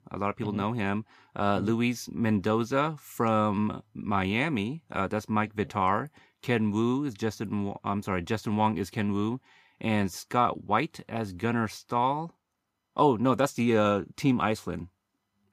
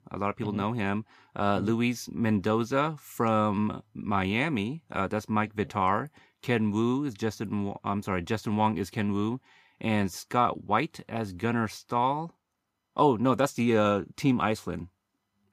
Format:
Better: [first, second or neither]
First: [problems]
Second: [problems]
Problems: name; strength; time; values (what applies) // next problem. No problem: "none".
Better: neither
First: none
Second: none